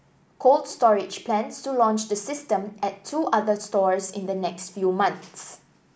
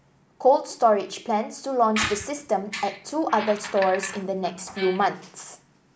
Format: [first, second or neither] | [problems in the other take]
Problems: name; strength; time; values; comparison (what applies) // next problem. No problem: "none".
first | background sound (Squeak); 10 dB below the speech